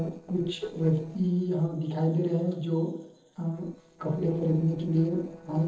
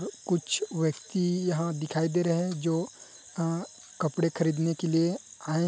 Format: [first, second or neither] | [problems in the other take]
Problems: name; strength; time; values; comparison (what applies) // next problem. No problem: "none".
second | noise reduction (neural separator model SepFormer DNS4)